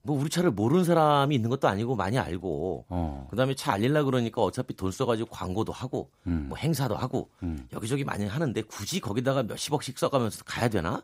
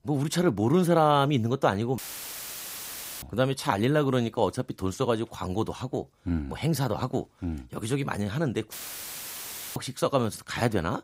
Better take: first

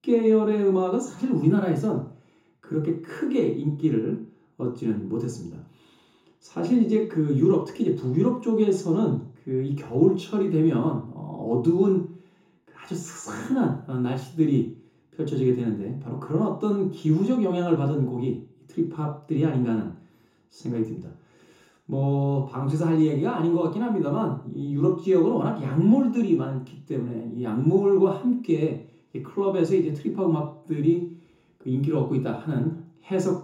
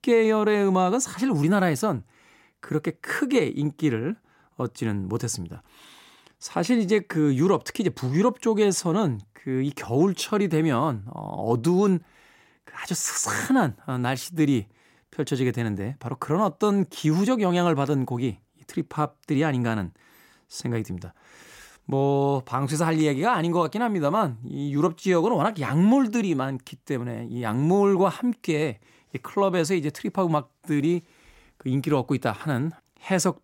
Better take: second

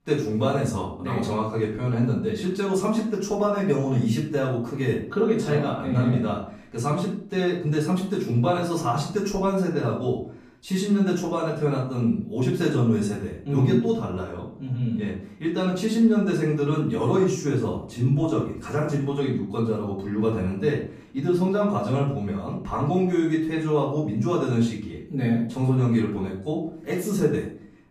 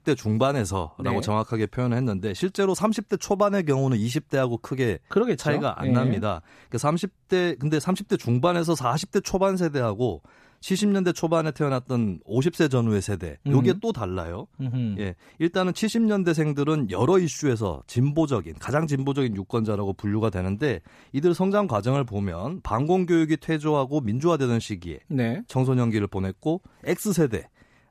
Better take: second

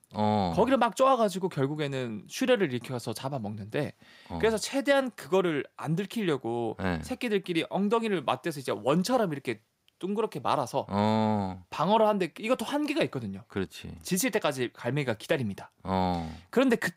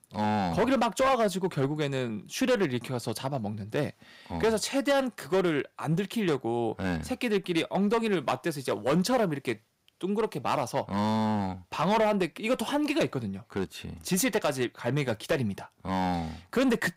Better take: first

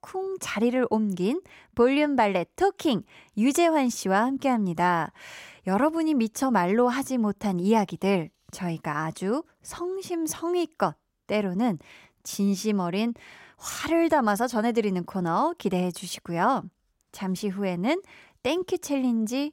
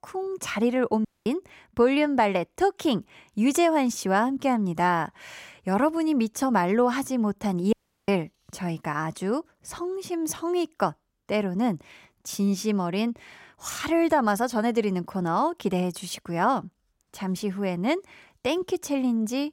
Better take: first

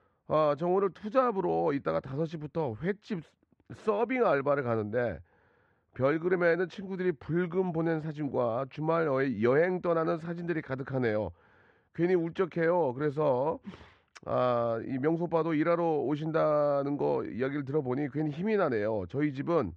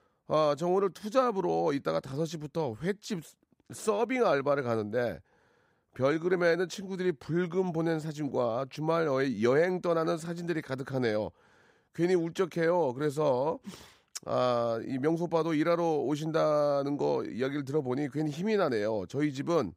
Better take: second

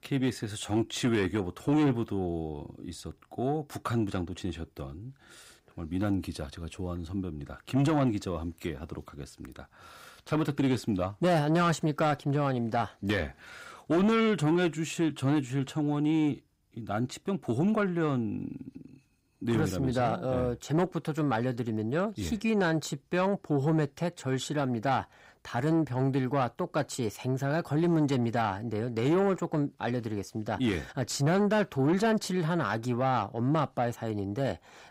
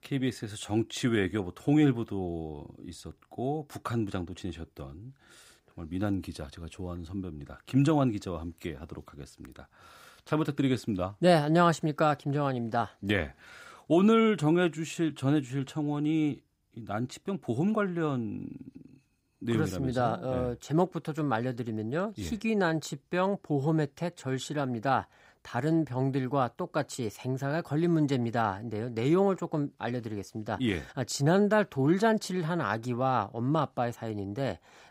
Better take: second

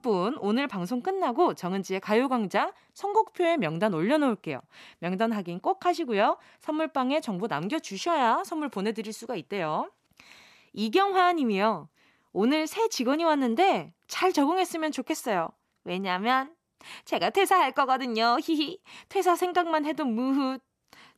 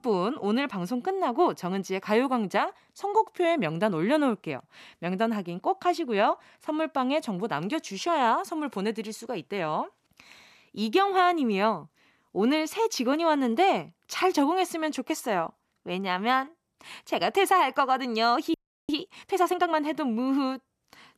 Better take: first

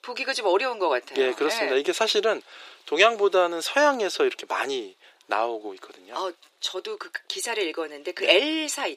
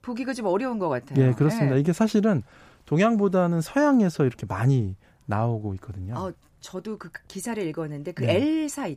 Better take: second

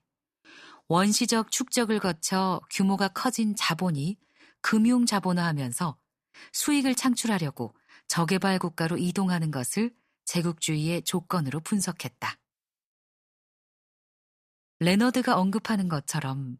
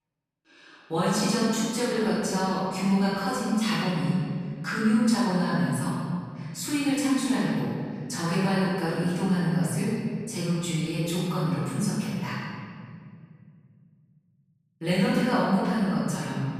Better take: first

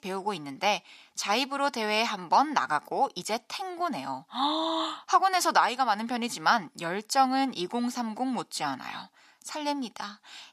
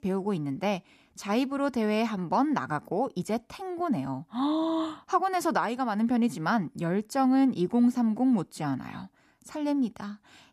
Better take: second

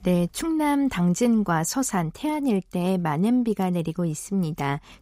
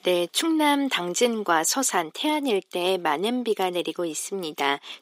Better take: first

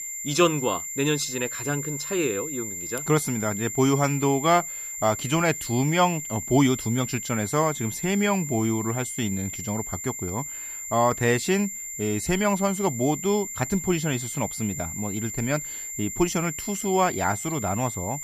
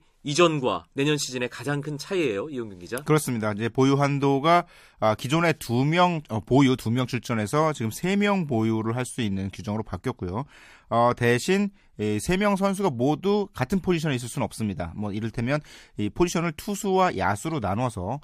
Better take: second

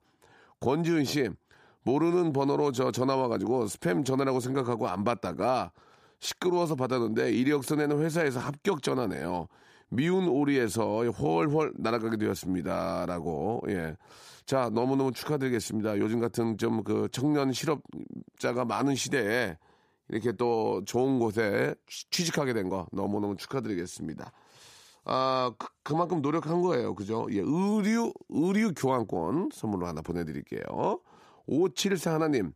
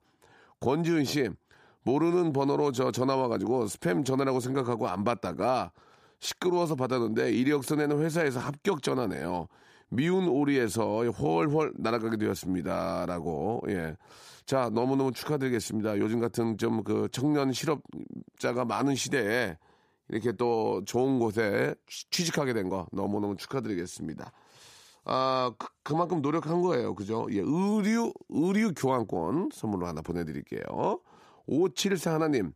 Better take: neither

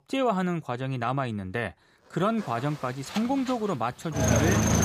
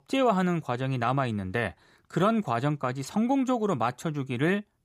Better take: second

